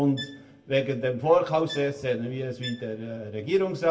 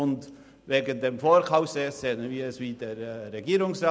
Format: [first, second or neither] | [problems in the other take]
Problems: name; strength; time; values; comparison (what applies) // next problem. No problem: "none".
second | background sound (Bowed string instrument); 18 dB below the speech // room echo; dies away in 0.2 s